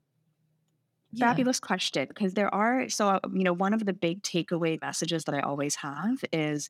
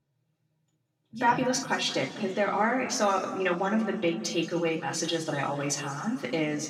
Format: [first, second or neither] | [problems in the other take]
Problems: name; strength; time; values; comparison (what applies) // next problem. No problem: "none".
first | room echo; slight; dies away in 2.1 s // off-mic speech; somewhat distant